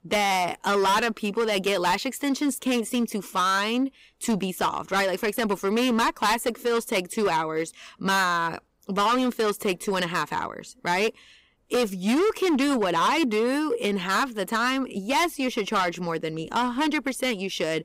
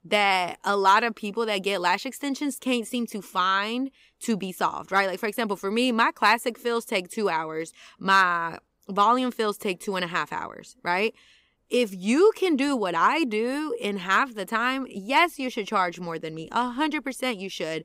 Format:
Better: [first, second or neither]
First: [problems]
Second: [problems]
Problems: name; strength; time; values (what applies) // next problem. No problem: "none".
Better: second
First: distortion; heavy; 13% of the sound clipped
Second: none